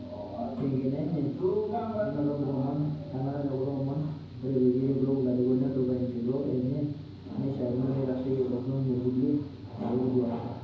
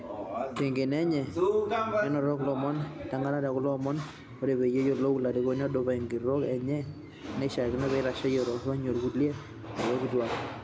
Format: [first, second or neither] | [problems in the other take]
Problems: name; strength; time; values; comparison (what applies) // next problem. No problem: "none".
second | background sound (Mechanical fan); 19 dB below the speech // room echo; dies away in 0.9 s